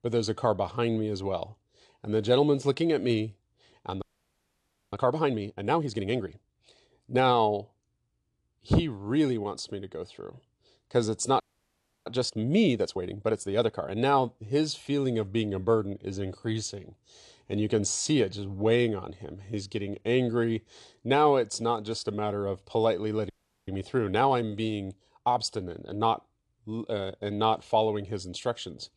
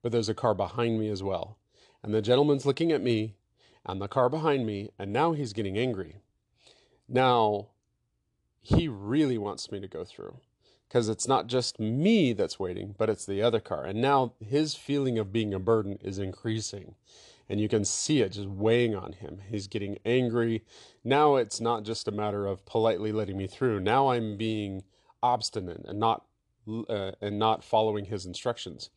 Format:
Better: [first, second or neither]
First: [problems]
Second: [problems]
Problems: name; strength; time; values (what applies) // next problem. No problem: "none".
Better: second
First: audio freezing; at 4 s for 1 s, at 11 s for 0.5 s and at 23 s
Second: none